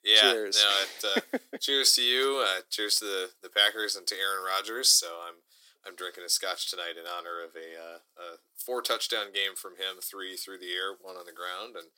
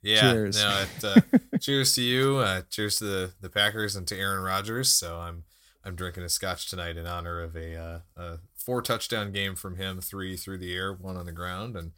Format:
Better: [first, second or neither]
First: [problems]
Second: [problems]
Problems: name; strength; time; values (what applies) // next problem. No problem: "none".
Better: second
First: thin; very; fading below 350 Hz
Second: none